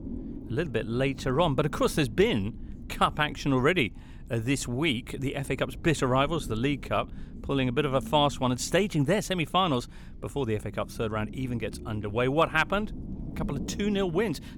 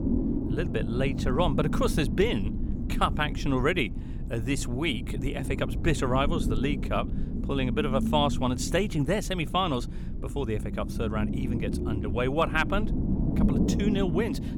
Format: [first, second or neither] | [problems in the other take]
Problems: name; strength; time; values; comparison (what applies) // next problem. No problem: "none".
first | low rumble; loud; throughout; 9 dB below the speech; faint in the first